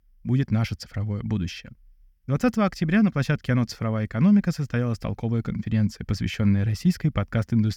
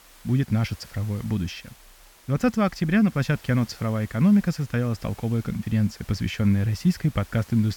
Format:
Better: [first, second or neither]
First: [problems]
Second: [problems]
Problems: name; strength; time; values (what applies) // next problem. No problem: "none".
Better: first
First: none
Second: hiss; faint; throughout; 25 dB below the speech